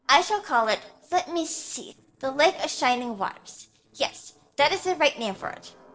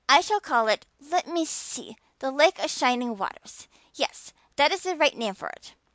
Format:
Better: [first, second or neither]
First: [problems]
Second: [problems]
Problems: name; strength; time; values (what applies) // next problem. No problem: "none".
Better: second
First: noise reduction (neural separator model SepFormer DNS4)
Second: none